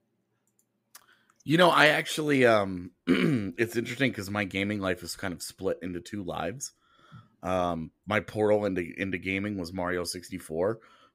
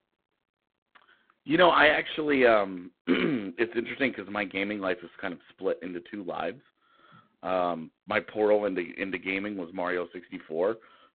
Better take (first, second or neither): first